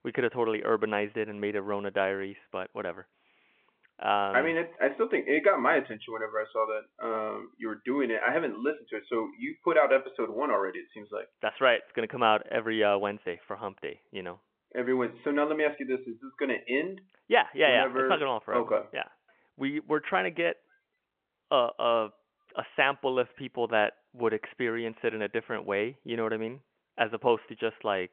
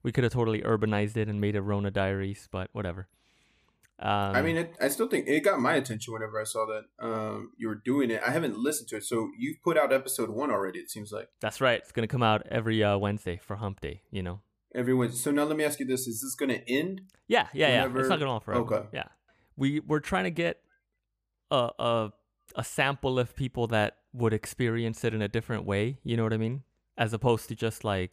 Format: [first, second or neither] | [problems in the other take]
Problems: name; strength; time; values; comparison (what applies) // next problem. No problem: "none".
second | phone-call audio; nothing above 3.5 kHz